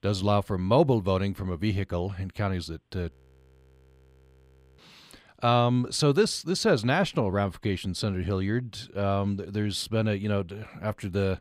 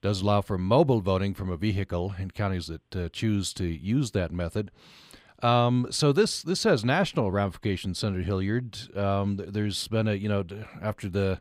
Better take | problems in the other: second | audio freezing; at 3 s for 1.5 s

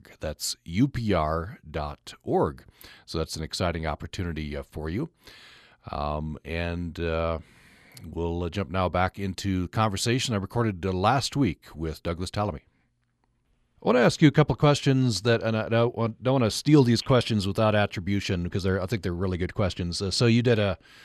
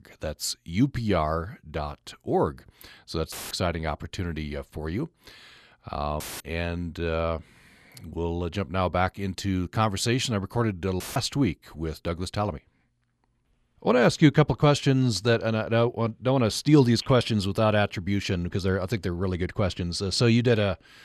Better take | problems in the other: first | audio cutting out; filled with static; at 3.5 s, at 6 s and at 11 s

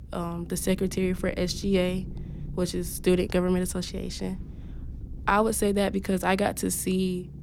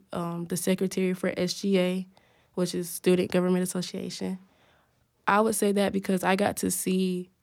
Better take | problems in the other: second | low rumble; faint; throughout; 25 dB below the speech

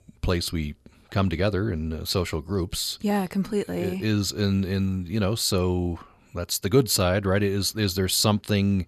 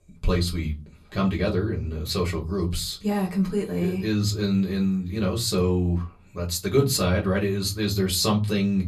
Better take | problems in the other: first | off-mic speech; far // room echo; very slight; dies away in 0.3 s

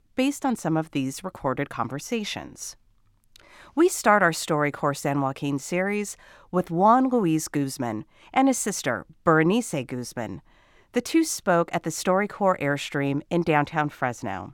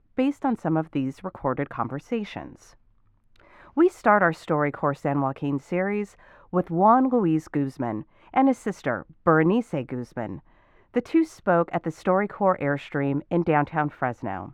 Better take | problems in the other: first | muffled; very; fading above 3.5 kHz

